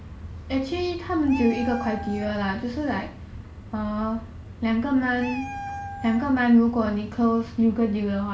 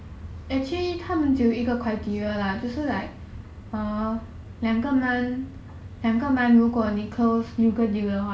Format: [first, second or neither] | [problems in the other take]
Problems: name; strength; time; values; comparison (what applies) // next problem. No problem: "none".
second | background sound (Meow); 15 dB below the speech